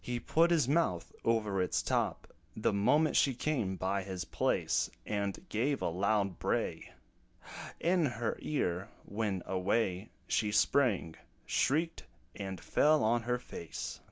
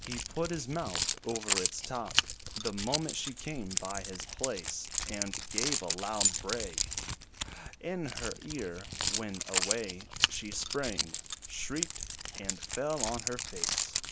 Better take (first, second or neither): first